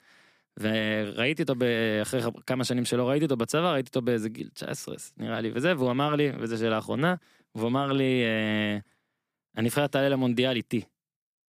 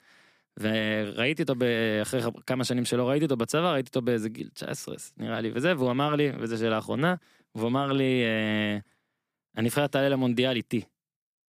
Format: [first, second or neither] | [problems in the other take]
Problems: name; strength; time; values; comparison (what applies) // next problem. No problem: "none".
neither | none